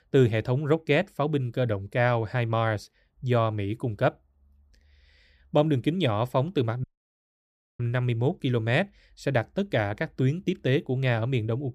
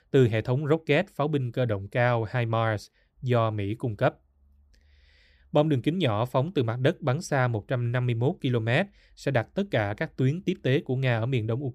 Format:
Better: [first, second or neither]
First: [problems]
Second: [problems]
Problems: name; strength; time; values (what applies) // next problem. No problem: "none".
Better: second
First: audio cutting out; at 7 s for 1 s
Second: none